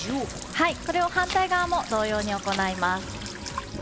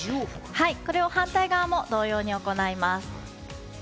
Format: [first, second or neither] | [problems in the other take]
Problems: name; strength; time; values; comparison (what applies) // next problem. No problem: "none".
second | background sound (Sink (filling or washing) / Water tap, faucet + Tools); 11 dB below the speech